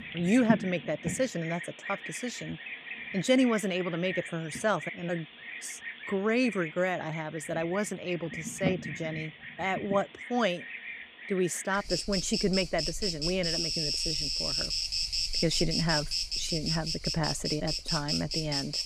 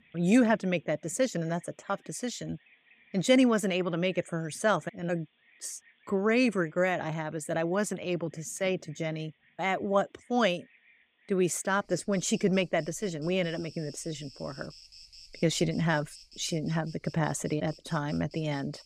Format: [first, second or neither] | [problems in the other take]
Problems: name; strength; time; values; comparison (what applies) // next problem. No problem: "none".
second | animal sounds; loud; throughout; 2 dB below the speech; faint in the second